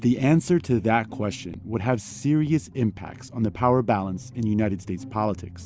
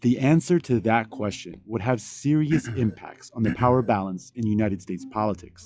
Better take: first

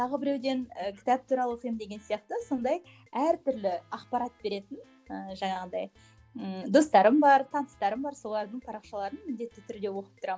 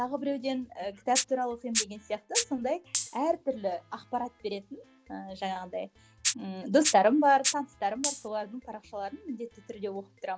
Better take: first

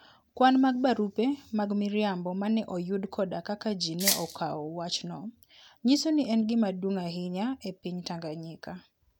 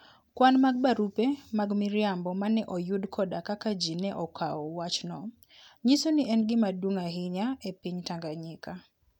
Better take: second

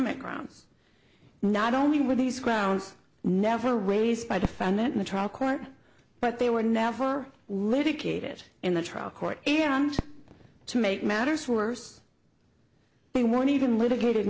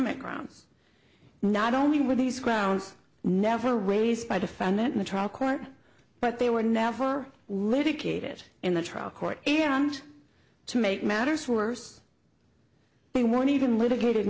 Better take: second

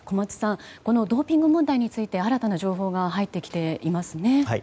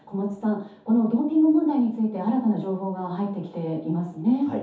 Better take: first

